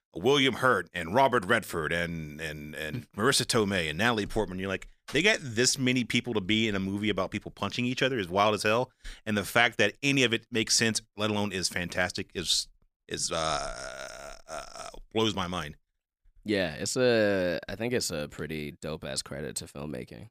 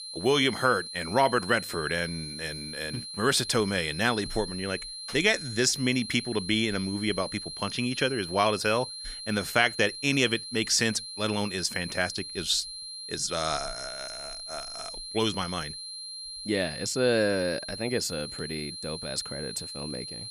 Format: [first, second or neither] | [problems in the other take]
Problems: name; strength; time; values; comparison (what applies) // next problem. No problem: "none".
first | high-pitched whine; loud; throughout; 4 kHz, 9 dB below the speech